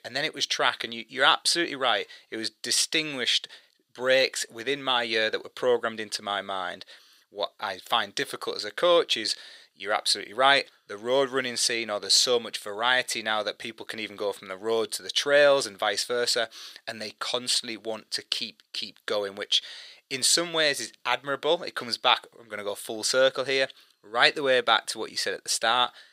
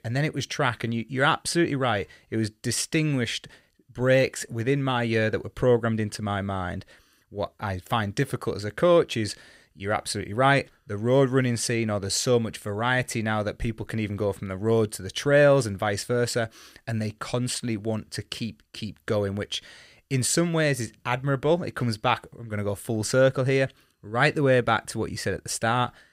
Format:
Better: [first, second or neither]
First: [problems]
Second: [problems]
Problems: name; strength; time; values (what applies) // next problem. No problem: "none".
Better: second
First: thin; somewhat; fading below 500 Hz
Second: none